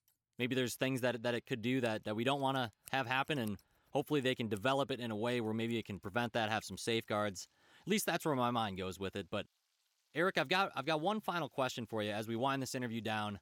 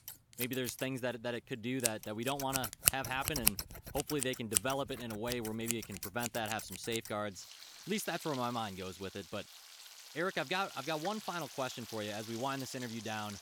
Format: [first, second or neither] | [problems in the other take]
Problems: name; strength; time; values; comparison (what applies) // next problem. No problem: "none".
first | household noises; loud; throughout; as loud as the speech; faint in the first